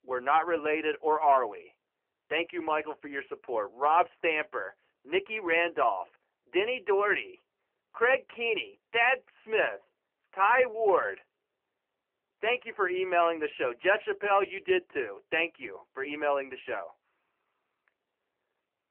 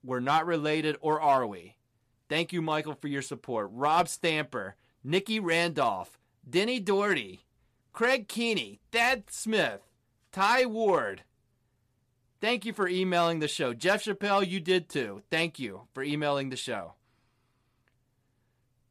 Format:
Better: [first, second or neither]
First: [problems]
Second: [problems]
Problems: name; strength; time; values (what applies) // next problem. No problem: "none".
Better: second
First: phone-call audio; nothing above 3 kHz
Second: none